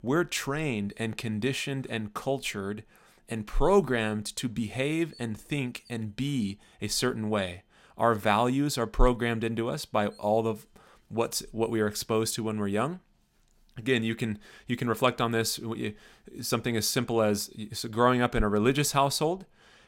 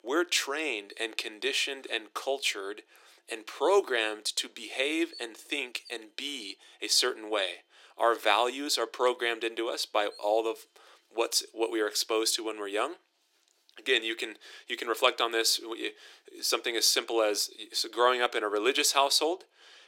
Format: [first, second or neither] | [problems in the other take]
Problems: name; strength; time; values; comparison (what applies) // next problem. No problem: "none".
first | thin; very; fading below 300 Hz